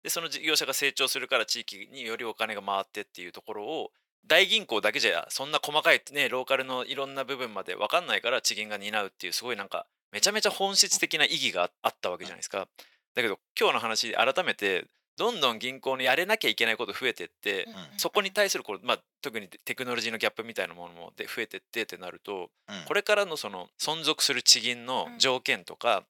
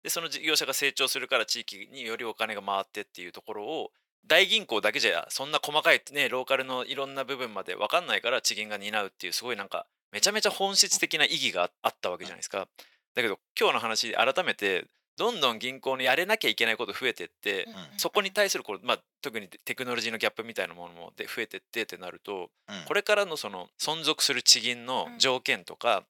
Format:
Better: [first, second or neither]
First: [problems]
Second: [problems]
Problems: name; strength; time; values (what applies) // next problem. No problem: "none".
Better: neither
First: thin; very; fading below 650 Hz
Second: thin; very; fading below 650 Hz